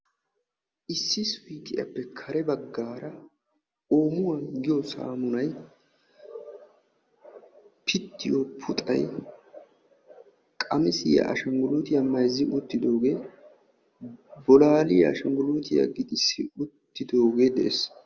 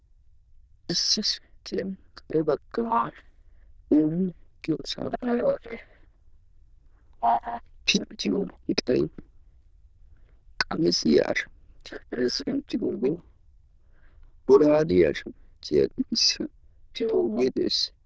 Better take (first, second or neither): first